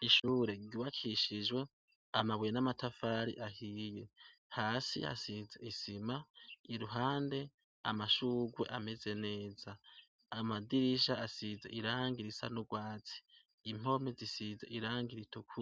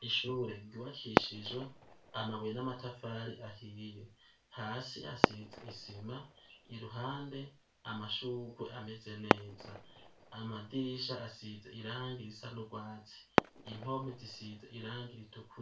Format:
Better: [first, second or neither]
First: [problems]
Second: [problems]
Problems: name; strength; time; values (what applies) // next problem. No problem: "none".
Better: first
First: none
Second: background sound (Fireworks); 2 dB above the speech // room echo; dies away in 0.3 s